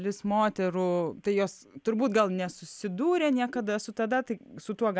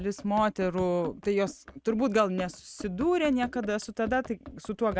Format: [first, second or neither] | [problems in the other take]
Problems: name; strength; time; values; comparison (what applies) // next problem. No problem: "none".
first | noise reduction (neural mask model RNNoise)